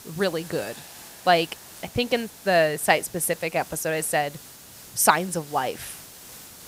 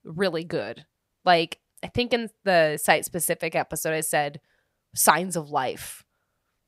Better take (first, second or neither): second